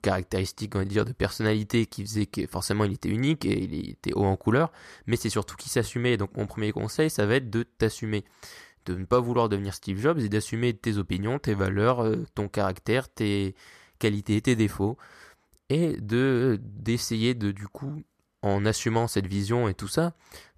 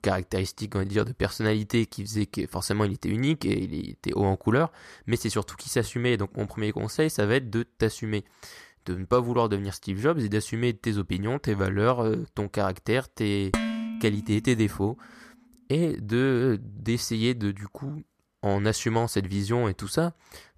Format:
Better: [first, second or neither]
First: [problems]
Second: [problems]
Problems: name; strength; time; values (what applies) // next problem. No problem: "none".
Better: first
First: none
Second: clattering dishes; noticeable; at 14 s; peak 1 dB below the speech